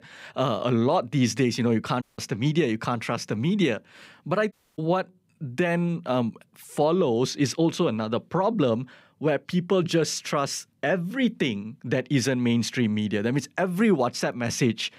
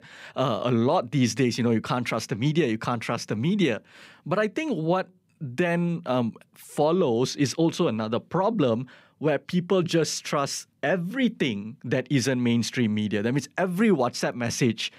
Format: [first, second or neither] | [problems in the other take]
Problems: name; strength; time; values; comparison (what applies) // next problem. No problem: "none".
second | audio cutting out; at 2 s and at 4.5 s